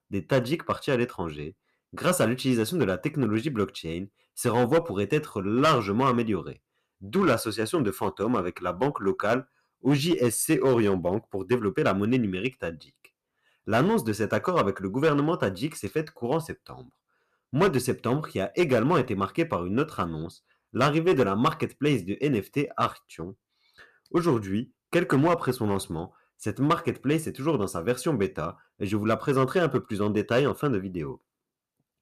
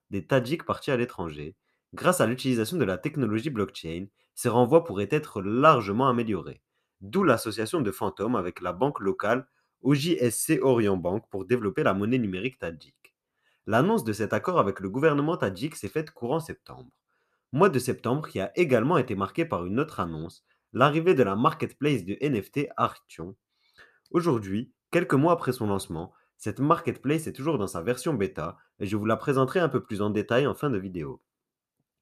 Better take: second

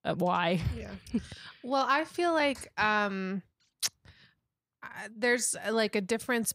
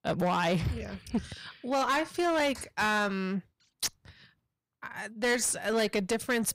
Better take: first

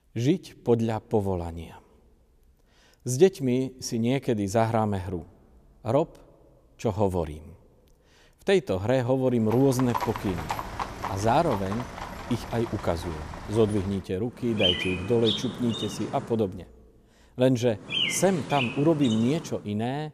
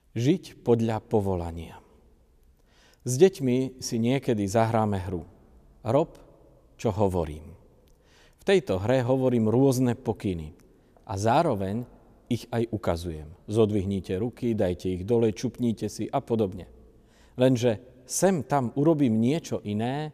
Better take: second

